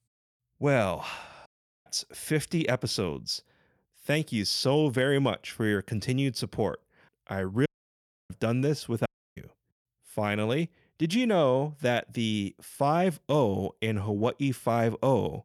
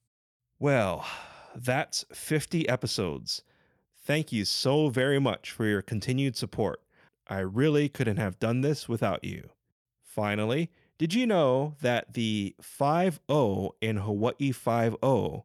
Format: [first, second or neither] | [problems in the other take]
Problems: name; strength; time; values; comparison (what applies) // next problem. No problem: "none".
second | audio cutting out; at 1.5 s, at 7.5 s for 0.5 s and at 9 s